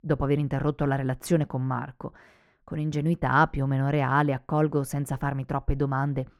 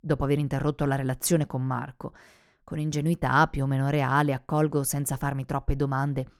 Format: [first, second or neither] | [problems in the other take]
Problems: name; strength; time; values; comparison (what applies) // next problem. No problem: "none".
second | muffled; slightly; fading above 4 kHz